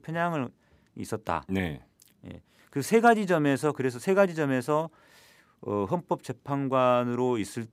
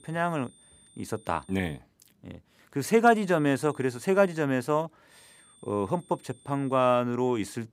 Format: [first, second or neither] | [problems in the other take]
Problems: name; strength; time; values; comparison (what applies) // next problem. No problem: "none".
first | high-pitched whine; faint; until 2 s, from 3 to 4.5 s and from 5 to 7 s; 8.5 kHz, 30 dB below the speech